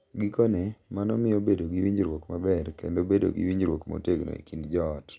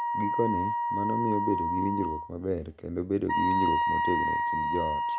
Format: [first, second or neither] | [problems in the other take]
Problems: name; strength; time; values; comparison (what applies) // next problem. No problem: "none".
first | background sound (Wind instrument, woodwind instrument); 3 dB above the speech